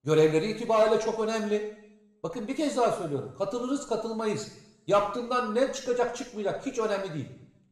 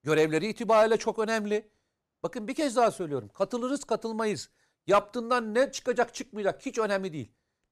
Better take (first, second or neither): second